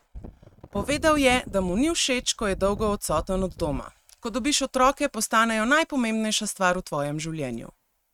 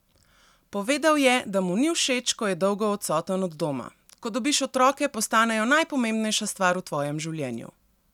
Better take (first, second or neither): second